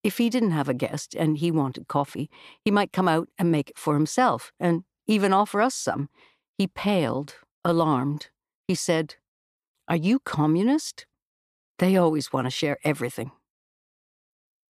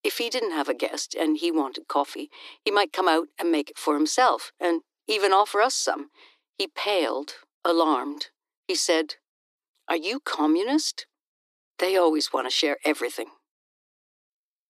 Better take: first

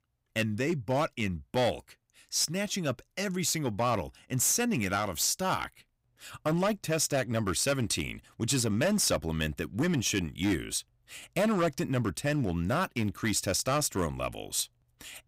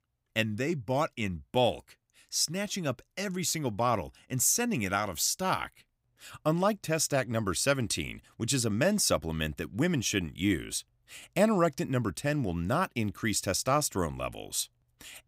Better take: second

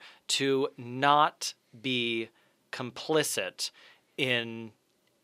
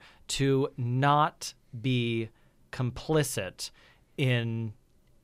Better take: second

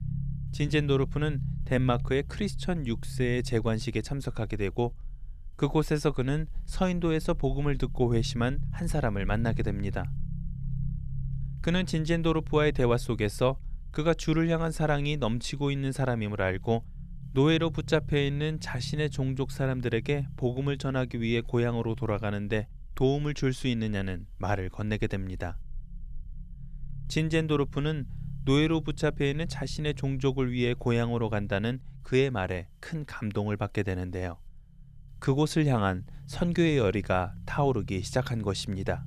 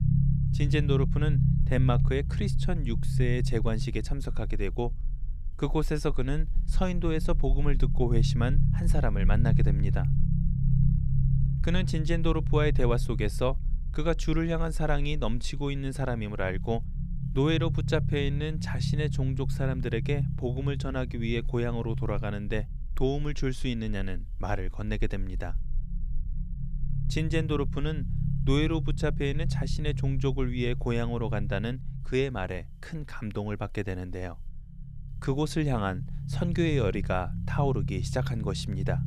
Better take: first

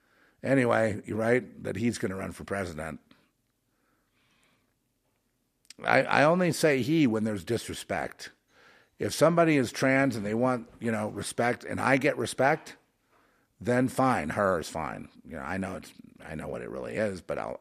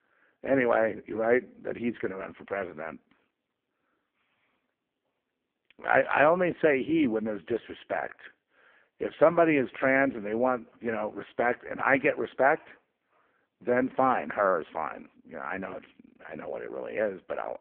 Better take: first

